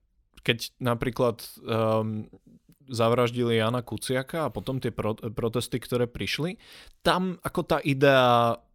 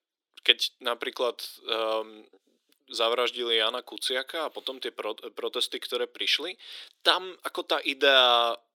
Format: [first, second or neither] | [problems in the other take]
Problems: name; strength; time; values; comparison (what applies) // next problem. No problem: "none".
first | thin; very; fading below 300 Hz